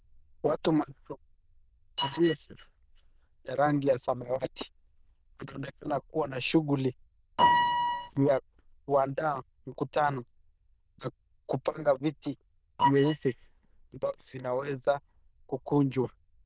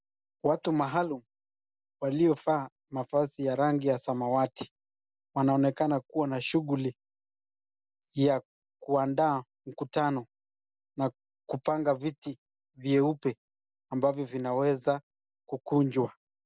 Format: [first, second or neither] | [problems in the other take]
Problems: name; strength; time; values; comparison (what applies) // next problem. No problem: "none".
second | noise reduction (neural diffusion model UNIVERSE++)